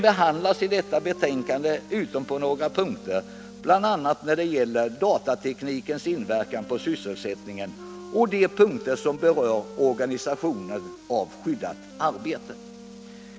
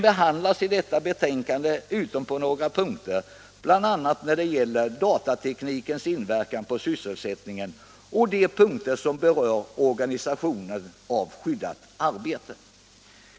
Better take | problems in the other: second | background sound (Wind instrument, woodwind instrument + Wind instrument, woodwind instrument); 17 dB below the speech

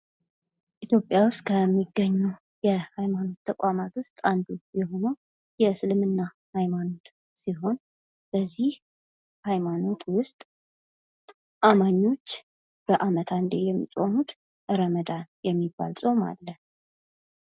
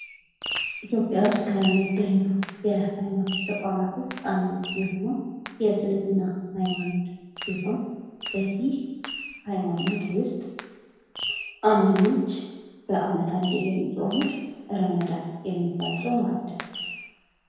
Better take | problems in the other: first | background sound (Fireworks); 12 dB below the speech // room echo; dies away in 1.2 s

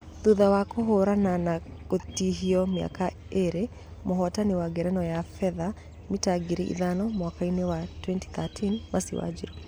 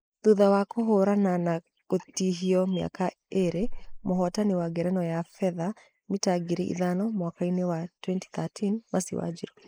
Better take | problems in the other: first | noise reduction (neural mask model Resemble Enhance denoiser)

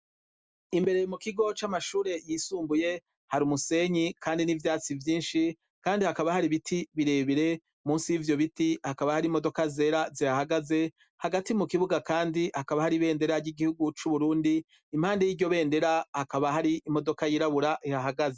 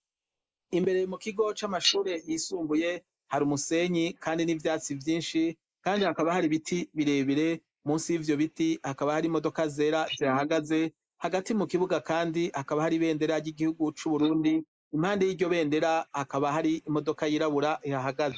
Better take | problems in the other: first | noise reduction (neural mask model Resemble Enhance denoiser)

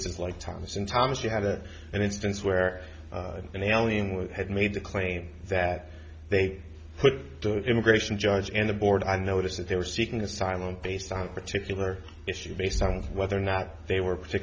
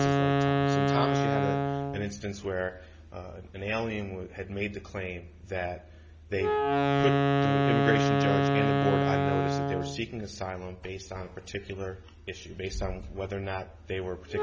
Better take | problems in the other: first | background sound (Wind instrument, woodwind instrument); 5 dB above the speech

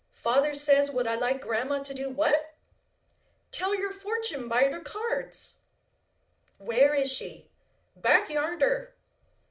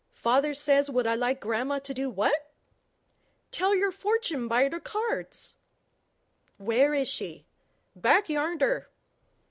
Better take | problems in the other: second | room echo; dies away in 0.4 s

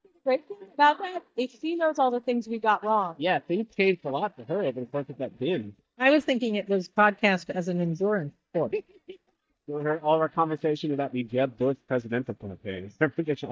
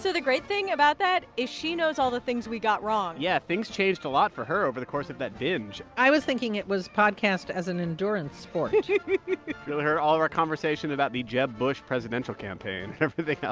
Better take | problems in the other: second | noise reduction (neural mask model DeepFilterNet 3)

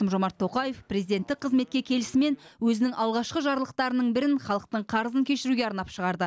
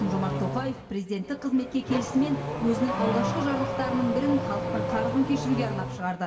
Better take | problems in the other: first | background sound (Accelerating, revving, vroom / Car); 3 dB below the speech // room echo; dies away in 1.6 s

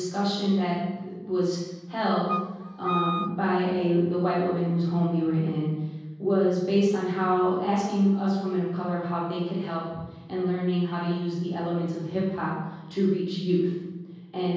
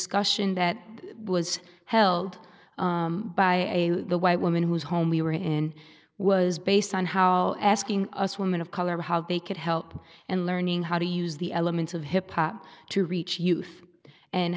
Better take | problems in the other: second | background sound (Wind instrument, woodwind instrument); 6 dB below the speech // room echo; dies away in 1.3 s

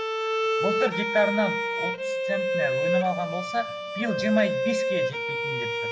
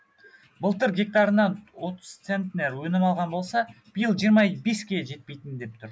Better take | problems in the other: second | background sound (Bowed string instrument); 2 dB above the speech // room echo; dies away in 1 s

